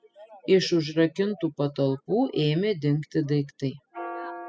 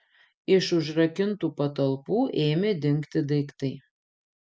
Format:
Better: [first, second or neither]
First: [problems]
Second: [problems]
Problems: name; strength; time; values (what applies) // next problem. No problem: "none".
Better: second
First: noise reduction (classical method spectral subtraction)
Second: none